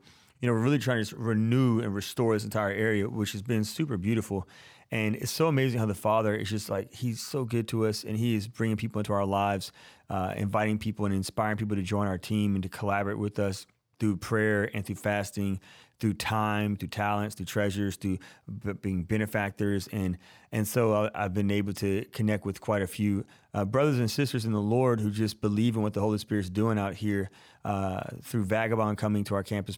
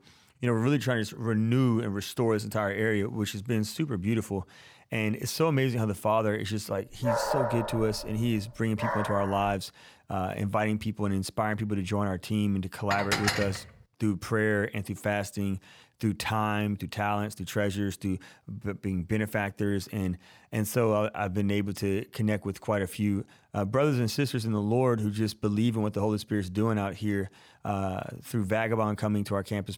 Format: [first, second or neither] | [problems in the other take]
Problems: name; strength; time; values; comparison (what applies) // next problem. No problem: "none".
first | dog barking; loud; from 7 to 9.5 s; peak 1 dB above the speech // clattering dishes; loud; at 13 s; peak 2 dB above the speech